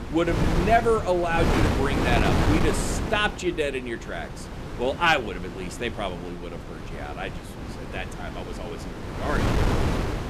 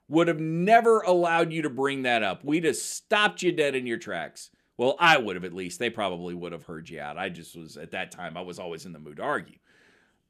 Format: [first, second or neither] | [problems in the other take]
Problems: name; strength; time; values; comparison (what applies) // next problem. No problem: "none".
second | wind noise on the microphone; heavy; 6 dB below the speech